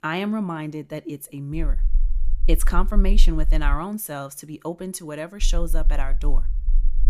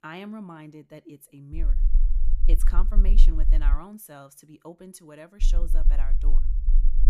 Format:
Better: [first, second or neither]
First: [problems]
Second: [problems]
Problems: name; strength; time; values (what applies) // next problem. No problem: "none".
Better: first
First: low rumble; faint; from 1.5 to 3.5 s and from 5.5 s on; 20 dB below the speech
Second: low rumble; loud; from 1.5 to 3.5 s and from 5.5 s on; 9 dB below the speech